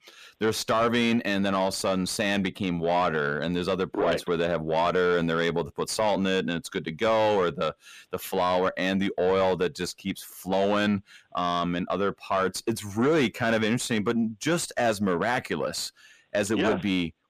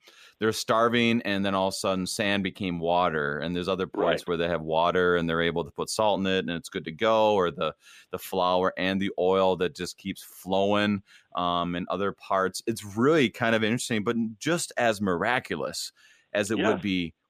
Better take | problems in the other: second | distortion; slight; 10 dB below the speech

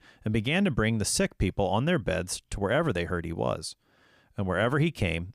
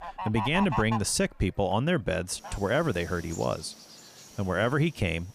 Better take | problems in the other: first | animal sounds; noticeable; throughout; 10 dB below the speech

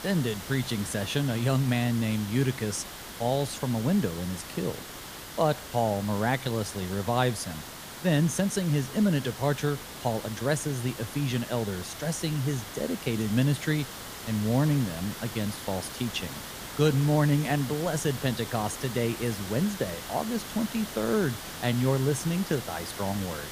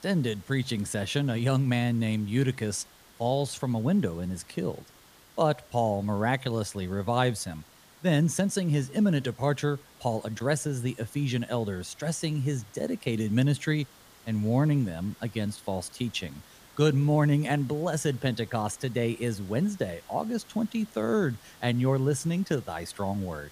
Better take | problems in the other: second | hiss; loud; throughout; 10 dB below the speech; faint in the second

